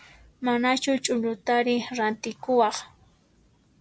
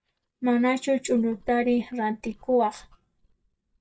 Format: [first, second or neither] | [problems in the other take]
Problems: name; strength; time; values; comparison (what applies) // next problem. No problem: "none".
first | noise reduction (neural mask model DeepFilterNet 3)